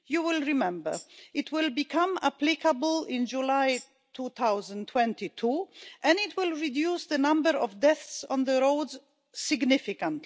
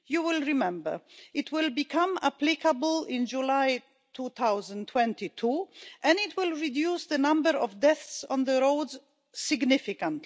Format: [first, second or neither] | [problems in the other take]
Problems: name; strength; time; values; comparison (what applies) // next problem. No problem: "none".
second | background sound (Tambourine); 17 dB below the speech